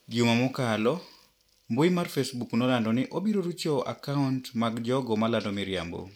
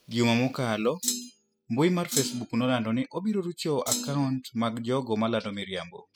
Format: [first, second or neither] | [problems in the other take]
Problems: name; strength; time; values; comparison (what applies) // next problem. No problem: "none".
first | noise reduction (classical method spectral subtraction)